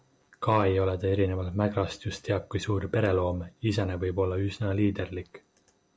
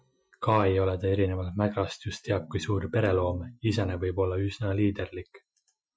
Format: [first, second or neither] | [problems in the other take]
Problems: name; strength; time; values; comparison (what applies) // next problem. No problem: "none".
first | noise reduction (classical method Wiener filter)